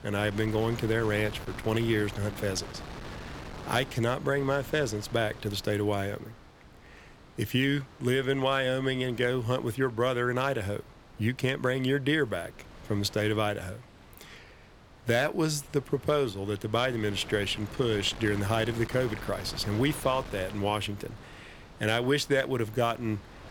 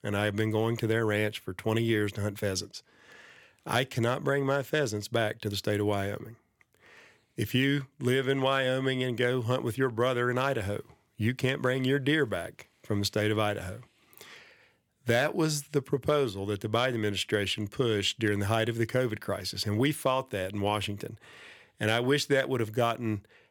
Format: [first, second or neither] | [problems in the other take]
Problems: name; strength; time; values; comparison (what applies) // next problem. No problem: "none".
second | wind noise on the microphone; occasional gusts; 15 dB below the speech